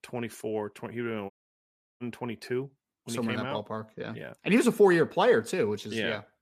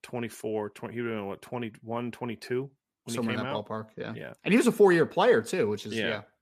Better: second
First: audio cutting out; at 1.5 s for 0.5 s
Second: none

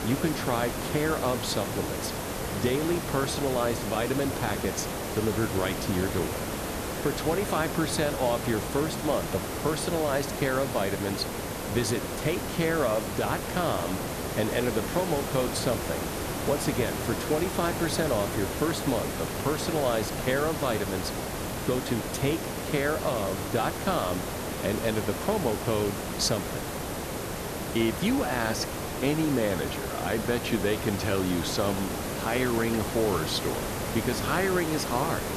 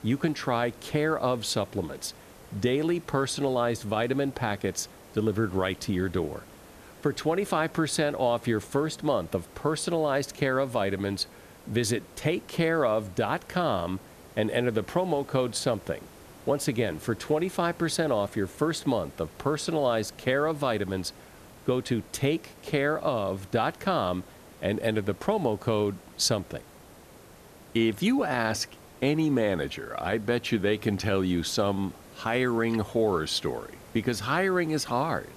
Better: second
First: hiss; loud; throughout; 3 dB below the speech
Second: hiss; faint; throughout; 20 dB below the speech

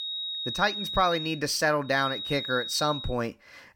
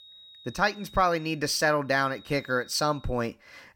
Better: second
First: high-pitched whine; loud; until 1.5 s and from 2 to 3 s; 4 kHz, 5 dB below the speech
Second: high-pitched whine; faint; until 1.5 s and from 2 to 3 s; 4 kHz, 25 dB below the speech

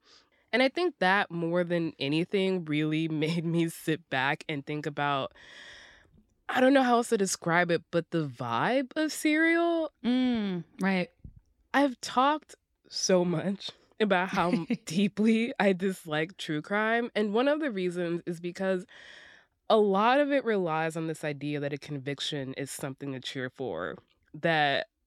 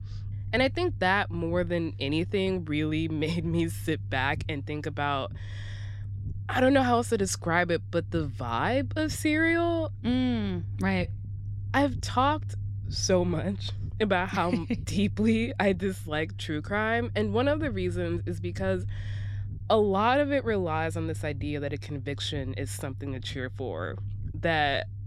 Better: first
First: none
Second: low rumble; faint; throughout; 25 dB below the speech

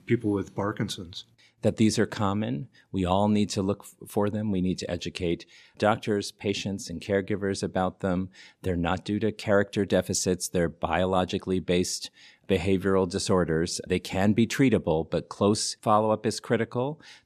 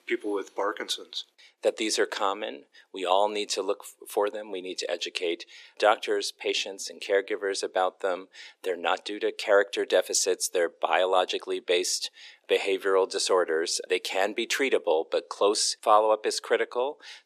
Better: first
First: none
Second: thin; very; fading below 400 Hz

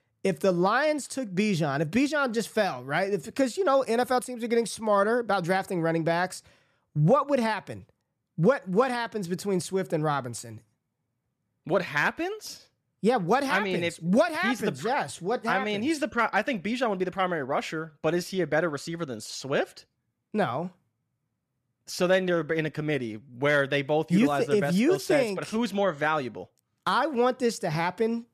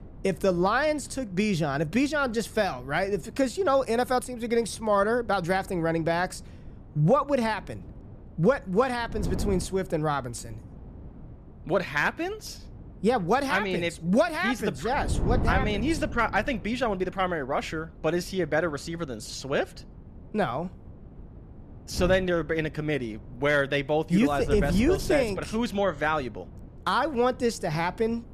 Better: first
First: none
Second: wind noise on the microphone; occasional gusts; 20 dB below the speech

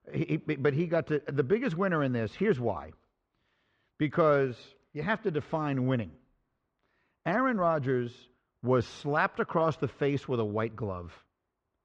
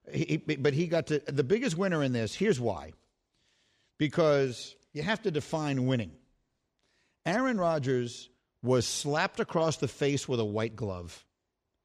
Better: second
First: muffled; very; fading above 2 kHz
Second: none

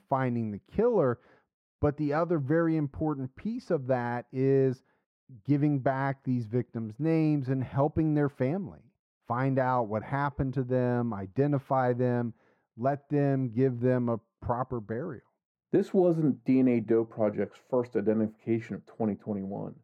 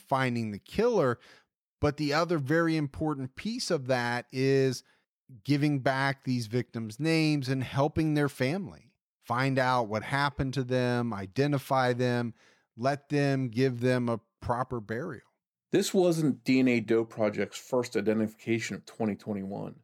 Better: second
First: muffled; very; fading above 2 kHz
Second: none

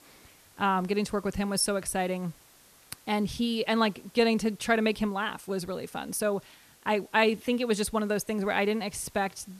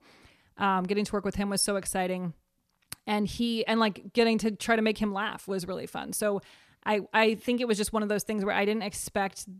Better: second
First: hiss; faint; throughout; 25 dB below the speech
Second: none

